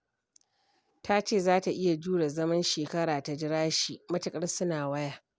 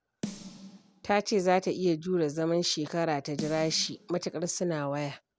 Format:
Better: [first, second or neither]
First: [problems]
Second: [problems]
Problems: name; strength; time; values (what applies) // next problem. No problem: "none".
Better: first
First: none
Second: background sound (Snare drum); 15 dB below the speech